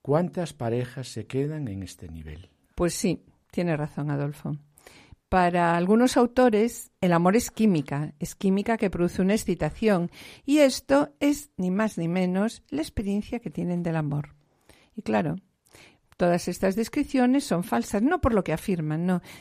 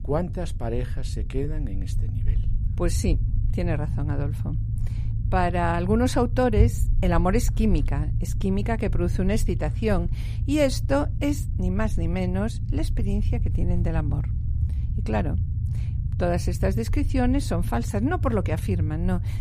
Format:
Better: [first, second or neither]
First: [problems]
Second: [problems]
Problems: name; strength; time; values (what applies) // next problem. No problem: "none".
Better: first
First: none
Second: low rumble; noticeable; throughout; 15 dB below the speech